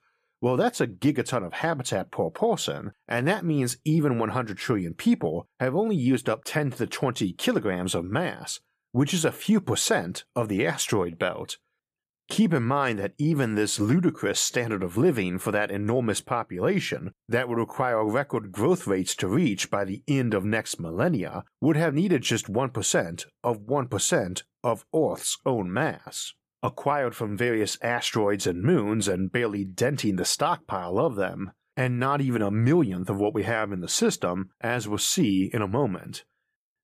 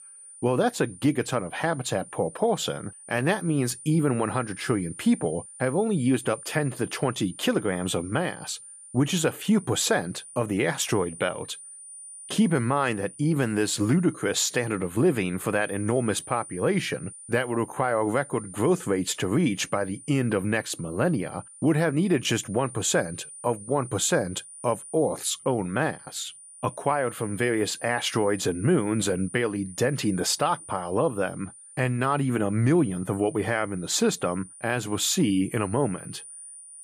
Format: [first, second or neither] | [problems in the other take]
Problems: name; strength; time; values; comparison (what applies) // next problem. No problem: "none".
first | high-pitched whine; noticeable; throughout; 9.5 kHz, 15 dB below the speech